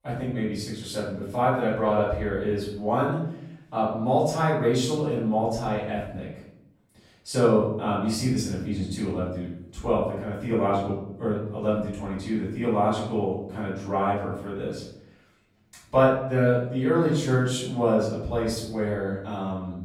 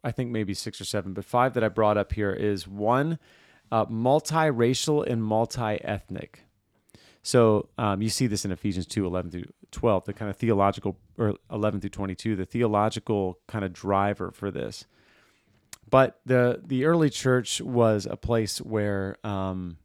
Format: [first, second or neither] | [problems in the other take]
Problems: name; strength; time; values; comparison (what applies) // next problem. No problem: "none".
second | off-mic speech; far // room echo; noticeable; dies away in 0.7 s